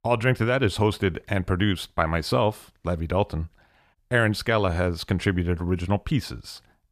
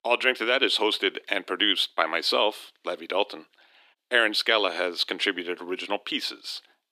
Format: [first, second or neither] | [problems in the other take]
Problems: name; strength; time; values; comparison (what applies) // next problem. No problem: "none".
first | thin; very; fading below 300 Hz